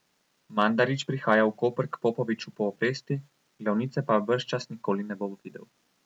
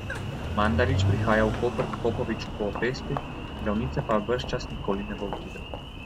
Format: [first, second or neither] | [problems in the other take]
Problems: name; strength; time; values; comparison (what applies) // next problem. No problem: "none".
first | background sound (Engine); 2 dB below the speech